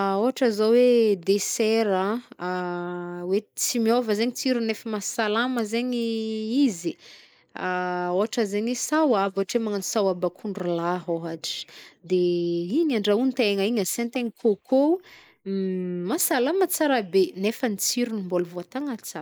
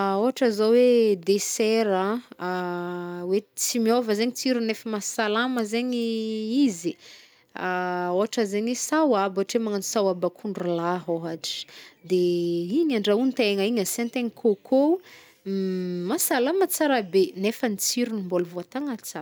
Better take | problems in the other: second | noise reduction (neural mask model Resemble Enhance denoiser)

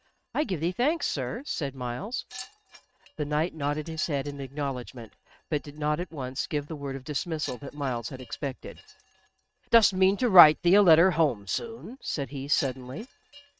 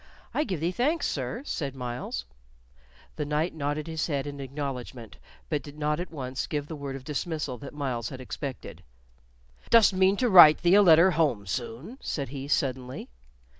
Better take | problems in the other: second | noise reduction (neural mask model RNNoise)

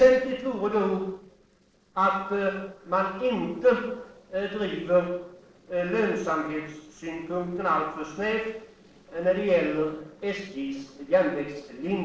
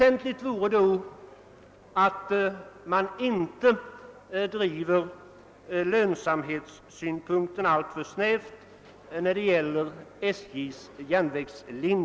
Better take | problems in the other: second | noise reduction (neural separator model SepFormer DNS4)

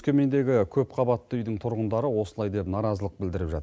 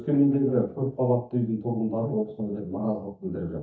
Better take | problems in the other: first | noise reduction (neural mask model DeepFilterNet 3)

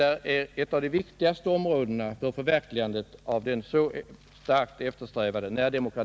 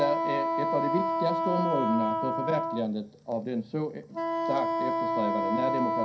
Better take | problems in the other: first | background sound (Wind instrument, woodwind instrument); 2 dB above the speech // room echo; dies away in 0.3 s

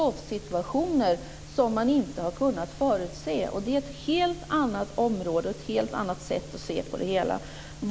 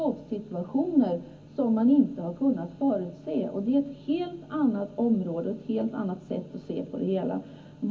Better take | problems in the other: first | room echo; dies away in 0.4 s

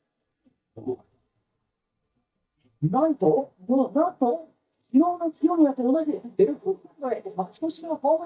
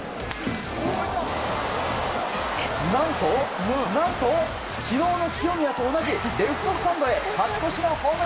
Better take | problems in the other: second | noise reduction (neural mask model DeepFilterNet 3)

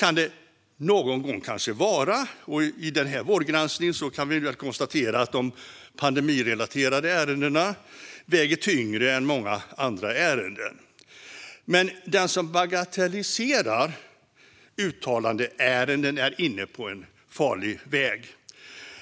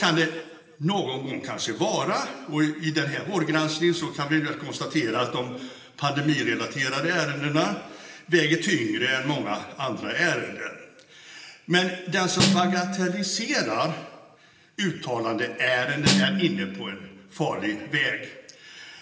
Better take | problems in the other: first | background sound (Snare drum); 1 dB below the speech // room echo; dies away in 1.2 s

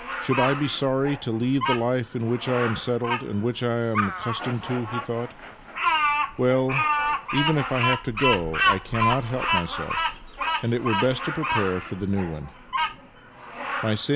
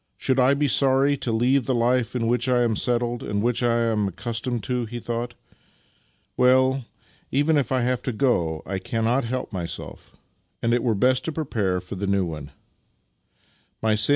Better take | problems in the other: second | background sound (Bird vocalization, bird call, bird song); 2 dB below the speech

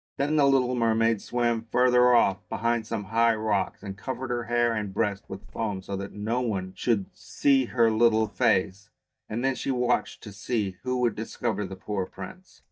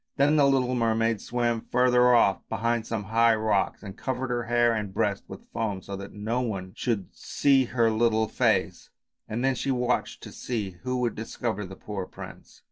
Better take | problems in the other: second | noise reduction (neural mask model DeepFilterNet 3)

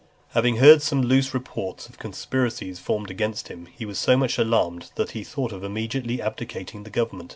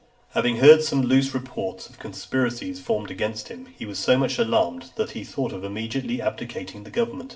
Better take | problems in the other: first | room echo; dies away in 0.4 s

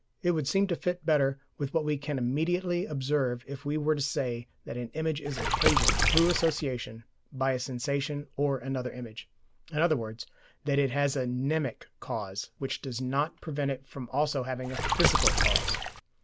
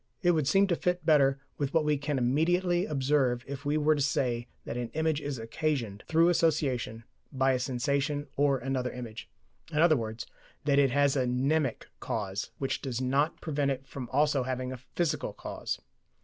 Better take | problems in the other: second | background sound (Water / Splash, splatter); 4 dB above the speech

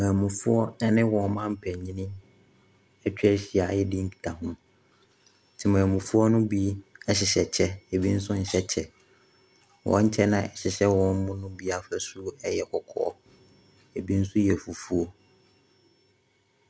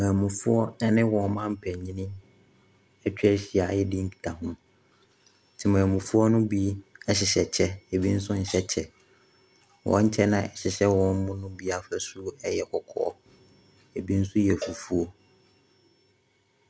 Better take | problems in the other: first | background sound (Cowbell); 17 dB below the speech

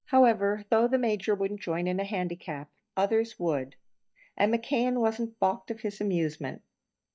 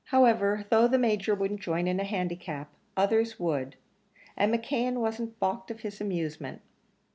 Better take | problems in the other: second | noise reduction (neural mask model DeepFilterNet 3)

